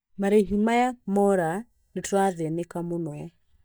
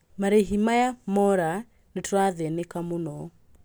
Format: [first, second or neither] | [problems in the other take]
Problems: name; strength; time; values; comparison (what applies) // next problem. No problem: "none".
second | noise reduction (neural mask model DeepFilterNet 3)